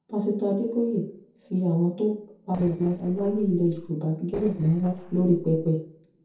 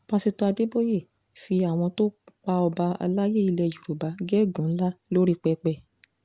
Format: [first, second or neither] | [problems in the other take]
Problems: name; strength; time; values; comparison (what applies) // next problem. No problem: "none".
second | noise reduction (neural separator model SepFormer DNS4)